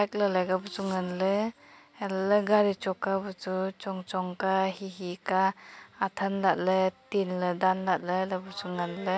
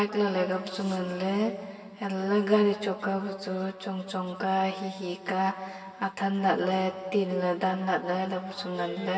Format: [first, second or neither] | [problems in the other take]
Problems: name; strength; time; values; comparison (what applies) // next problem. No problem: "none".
first | room echo; dies away in 2 s